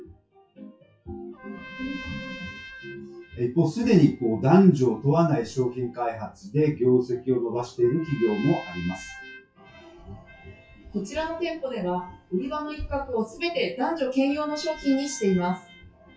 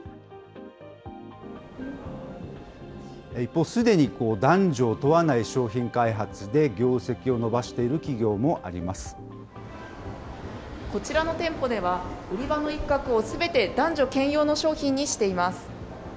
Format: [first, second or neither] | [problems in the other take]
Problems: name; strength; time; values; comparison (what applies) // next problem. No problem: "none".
second | noise reduction (classical method WPE with log-MMSE)